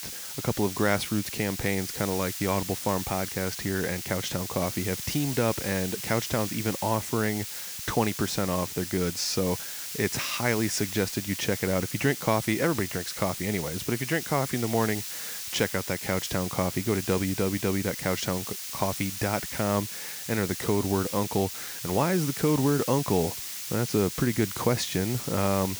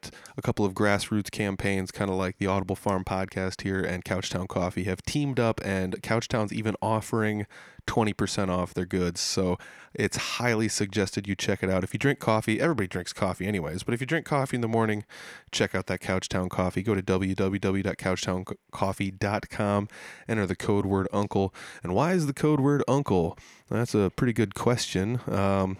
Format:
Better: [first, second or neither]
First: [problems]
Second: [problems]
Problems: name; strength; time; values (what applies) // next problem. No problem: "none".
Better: second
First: hiss; loud; throughout; 6 dB below the speech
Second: none